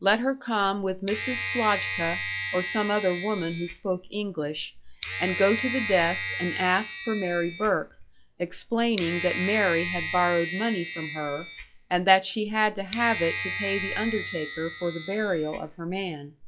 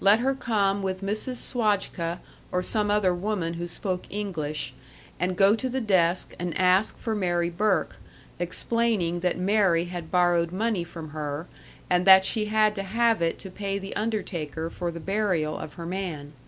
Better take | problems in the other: second | noise reduction (classical method log-MMSE)

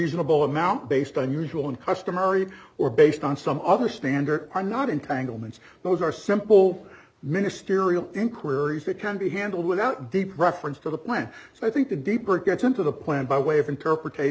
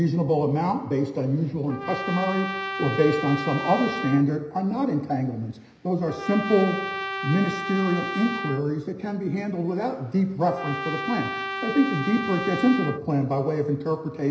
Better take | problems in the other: first | background sound (Trumpet); 9 dB below the speech // room echo; dies away in 0.9 s

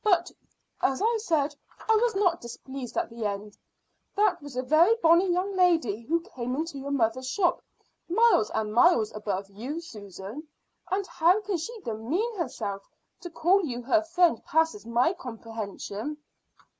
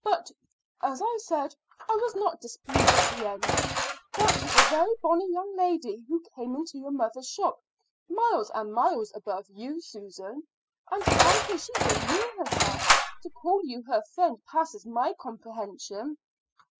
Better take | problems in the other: first | noise reduction (classical method spectral subtraction)

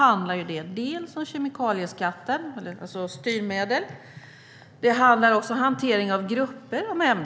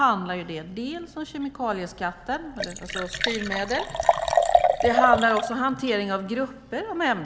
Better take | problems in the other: first | background sound (Liquid); 1 dB below the speech

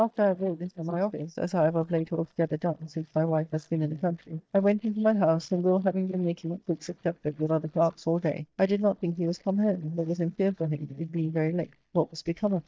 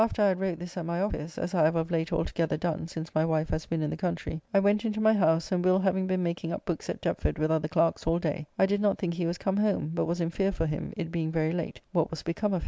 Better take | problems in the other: second | noise reduction (neural mask model DeepFilterNet 3)

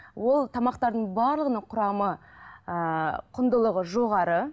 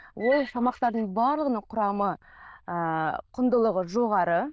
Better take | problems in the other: first | noise reduction (neural diffusion model UNIVERSE++)

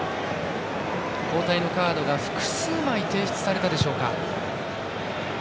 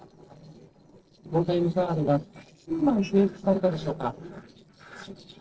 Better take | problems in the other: first | noise reduction (neural separator model SepFormer DNS4)

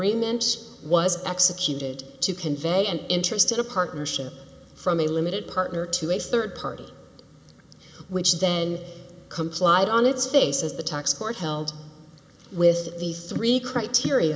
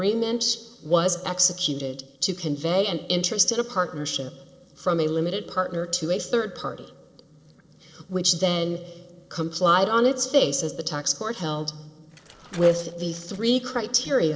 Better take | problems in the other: first | noise reduction (neural separator model SepFormer DNS4)

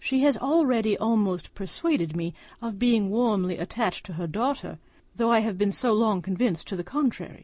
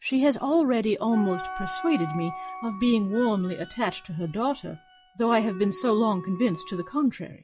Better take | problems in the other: first | noise reduction (classical method log-MMSE)

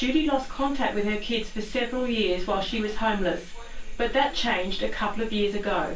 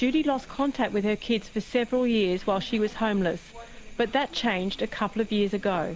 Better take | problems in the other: second | room echo; dies away in 0.2 s

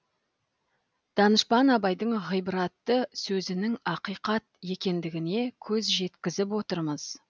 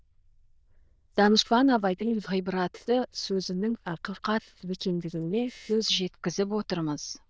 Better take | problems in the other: first | noise reduction (neural diffusion model UNIVERSE++)

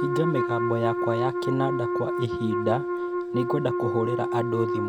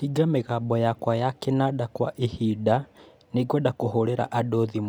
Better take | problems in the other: second | background sound (Wind instrument, woodwind instrument); 1 dB above the speech

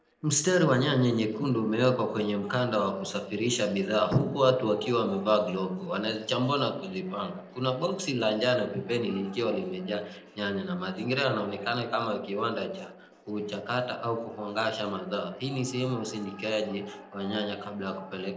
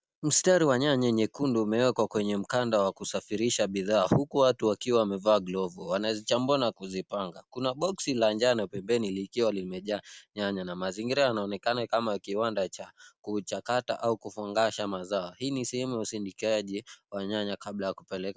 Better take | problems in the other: second | noise reduction (neural separator model SepFormer DNS4)

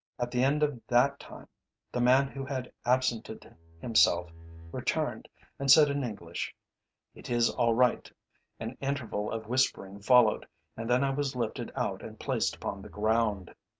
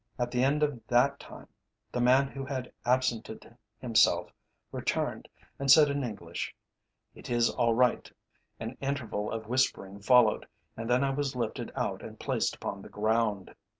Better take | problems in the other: second | noise reduction (neural mask model RNNoise)

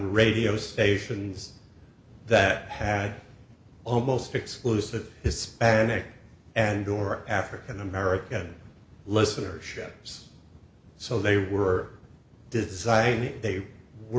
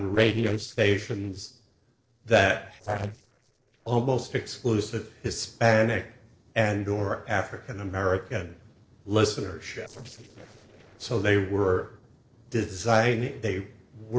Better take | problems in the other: first | noise reduction (neural separator model SepFormer DNS4)

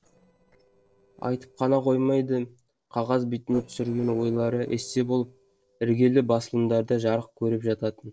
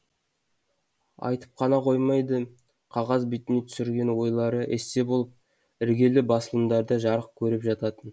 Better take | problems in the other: second | noise reduction (neural separator model SepFormer DNS4)

